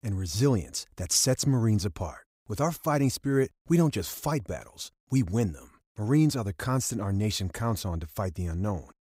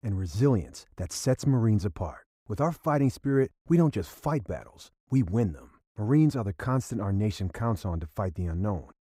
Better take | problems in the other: first | muffled; slightly; fading above 2.5 kHz

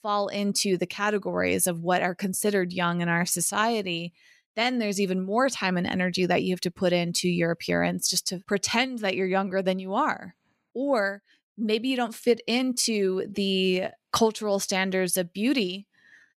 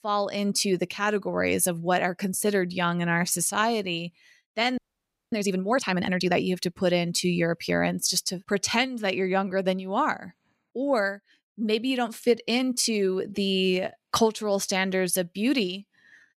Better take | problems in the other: first | audio freezing; at 5 s for 0.5 s

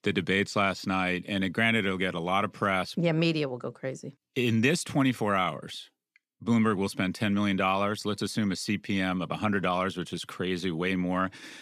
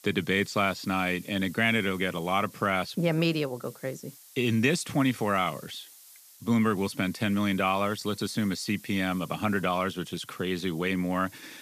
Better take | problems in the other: first | hiss; faint; throughout; 20 dB below the speech

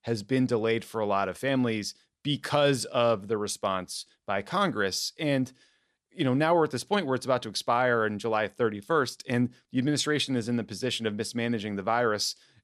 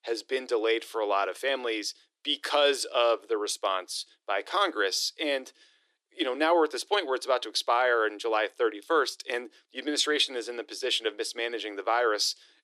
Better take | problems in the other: first | thin; very; fading below 300 Hz

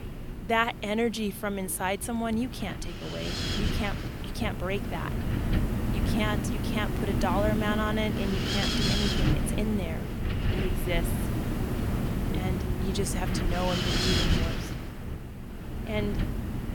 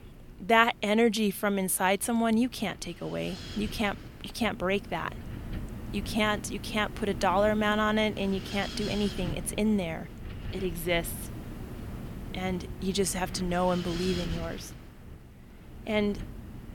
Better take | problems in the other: second | wind noise on the microphone; heavy; 1 dB below the speech; occasional gusts in the second

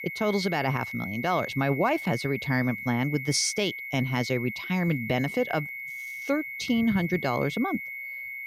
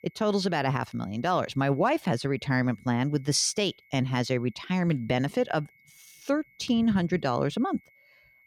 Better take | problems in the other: second | high-pitched whine; loud; throughout; 2 kHz, 7 dB below the speech; faint in the second

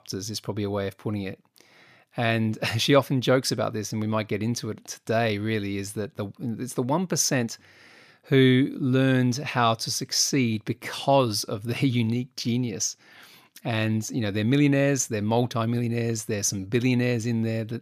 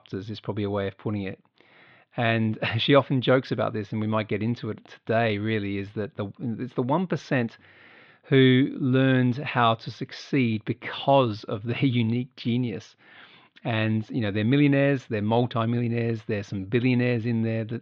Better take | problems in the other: first | muffled; very; fading above 3.5 kHz

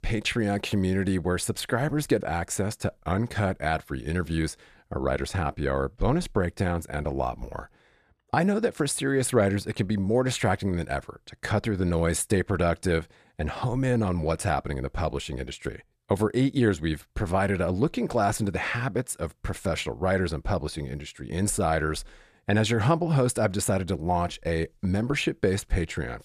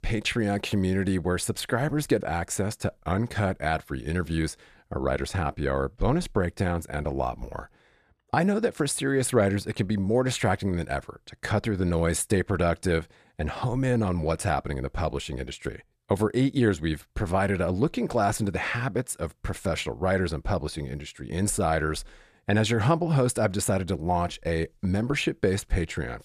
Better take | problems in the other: neither | none

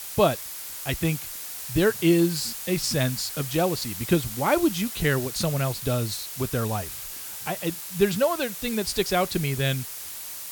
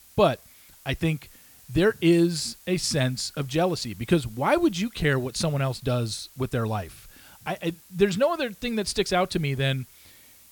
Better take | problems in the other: second | hiss; loud; throughout; 7 dB below the speech; faint in the second

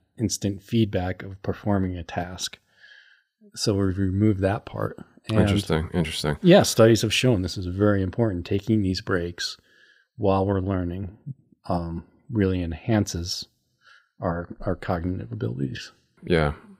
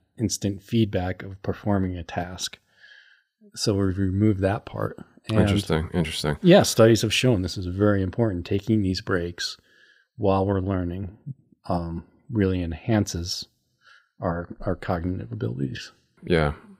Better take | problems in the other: neither | none

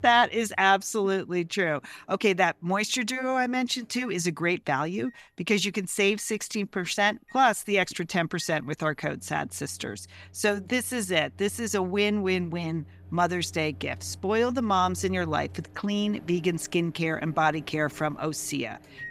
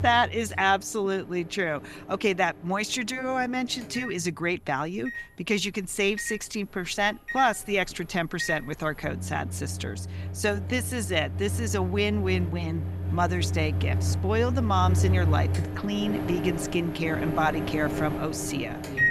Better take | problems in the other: first | household noises; loud; throughout; 3 dB below the speech; faint in the first

